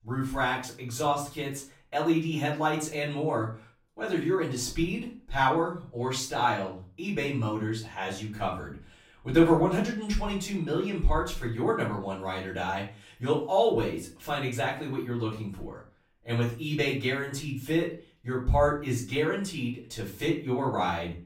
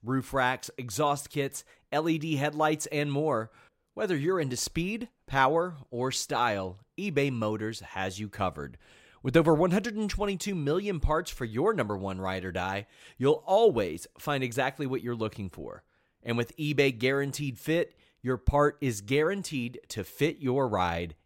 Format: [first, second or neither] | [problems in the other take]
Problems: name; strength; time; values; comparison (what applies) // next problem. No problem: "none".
second | off-mic speech; far // room echo; slight; dies away in 0.3 s